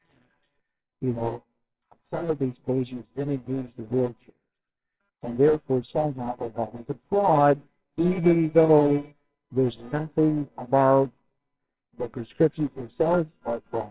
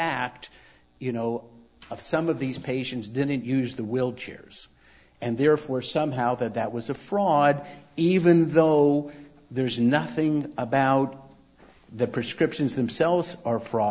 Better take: second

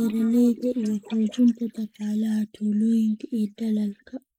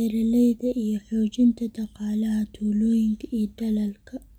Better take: second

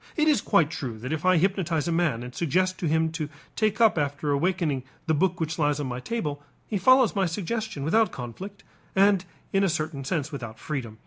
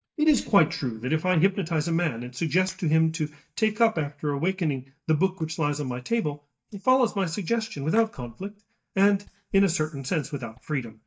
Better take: first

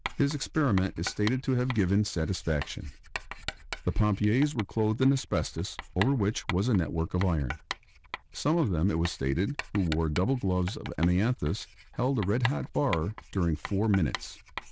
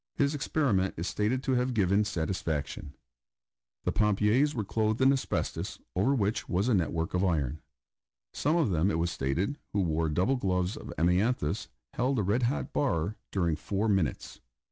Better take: second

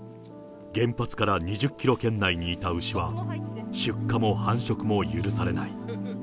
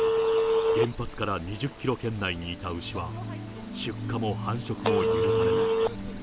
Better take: first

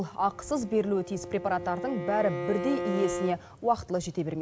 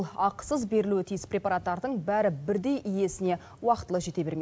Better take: second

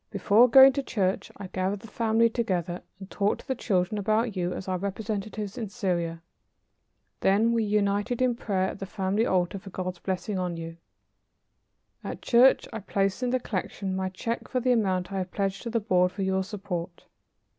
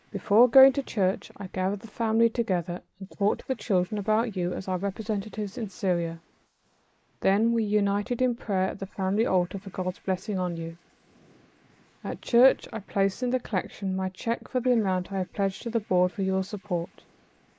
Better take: first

